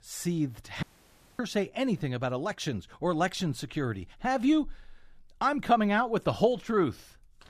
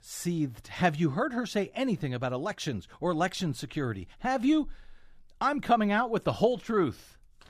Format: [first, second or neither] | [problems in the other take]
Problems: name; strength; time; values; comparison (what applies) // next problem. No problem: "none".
second | audio cutting out; at 1 s for 0.5 s